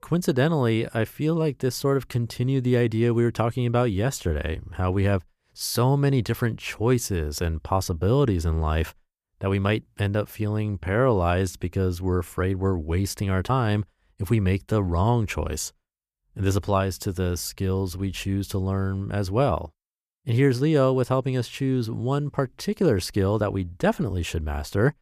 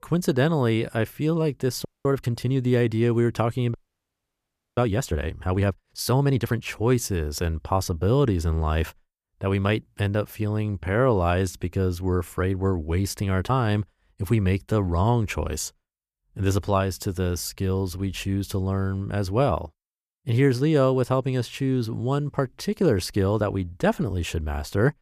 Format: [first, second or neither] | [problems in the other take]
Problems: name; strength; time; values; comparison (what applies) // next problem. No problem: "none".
first | audio freezing; at 2 s and at 3.5 s for 1 s